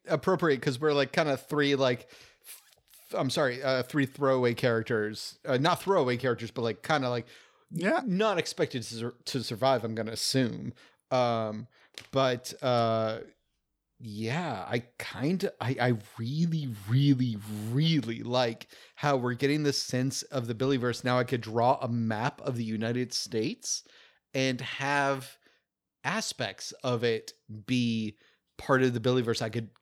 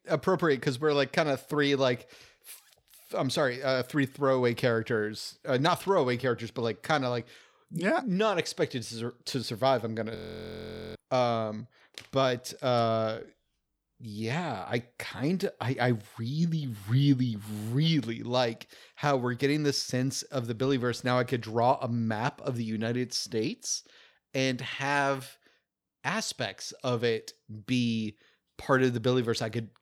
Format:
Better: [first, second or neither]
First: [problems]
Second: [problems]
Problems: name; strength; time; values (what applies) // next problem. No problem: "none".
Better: first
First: none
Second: audio freezing; at 10 s for 1 s